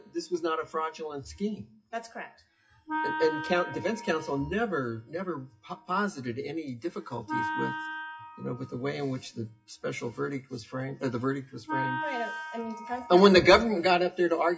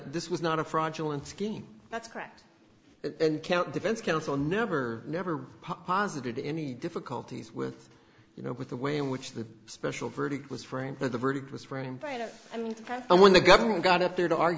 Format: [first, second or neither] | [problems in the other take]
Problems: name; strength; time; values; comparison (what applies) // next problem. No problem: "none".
second | noise reduction (classical method WPE with log-MMSE)